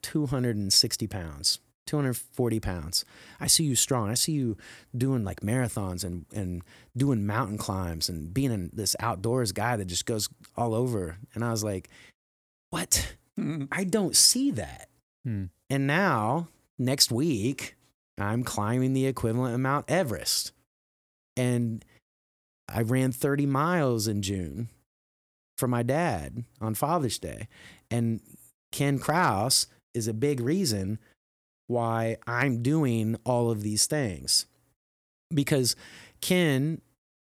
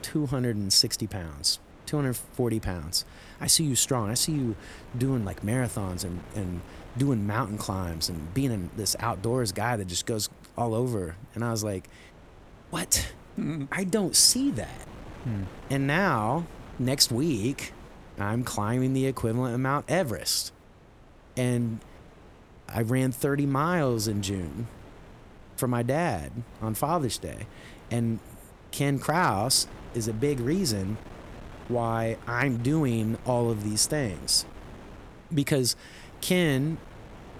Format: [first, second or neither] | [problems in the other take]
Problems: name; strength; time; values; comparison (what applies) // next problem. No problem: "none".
first | wind noise on the microphone; occasional gusts; 20 dB below the speech